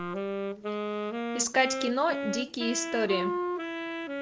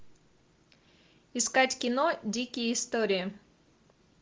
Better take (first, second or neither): second